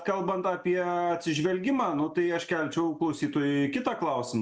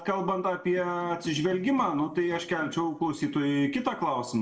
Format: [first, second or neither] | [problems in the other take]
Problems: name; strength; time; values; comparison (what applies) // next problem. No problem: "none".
first | noise reduction (neural separator model SepFormer DNS4)